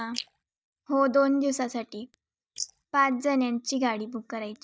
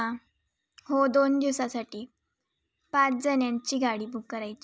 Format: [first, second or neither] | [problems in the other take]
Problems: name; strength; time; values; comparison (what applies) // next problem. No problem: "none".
second | noise reduction (neural mask model DeepFilterNet 3)